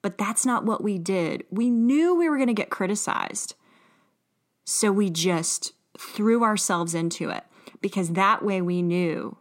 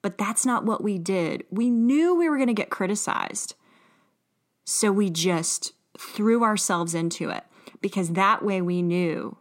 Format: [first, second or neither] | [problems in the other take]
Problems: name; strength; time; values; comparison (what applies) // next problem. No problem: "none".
neither | none